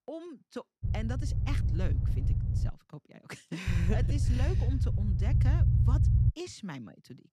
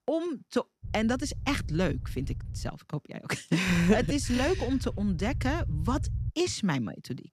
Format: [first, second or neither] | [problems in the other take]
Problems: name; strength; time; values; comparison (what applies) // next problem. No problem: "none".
second | low rumble; loud; from 1 to 2.5 s and from 3.5 to 6.5 s; 1 dB below the speech; faint in the second